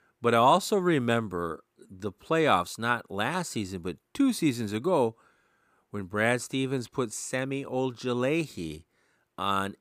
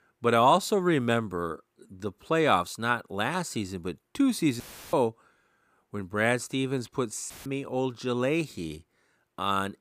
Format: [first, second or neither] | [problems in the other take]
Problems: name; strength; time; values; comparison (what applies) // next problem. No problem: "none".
first | audio cutting out; filled with static; at 4.5 s and at 7.5 s